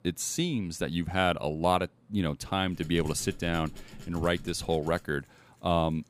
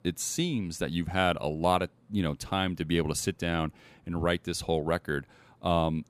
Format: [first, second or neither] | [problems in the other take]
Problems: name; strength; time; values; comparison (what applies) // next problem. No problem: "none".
second | machinery noise; noticeable; from 3 s on; 20 dB below the speech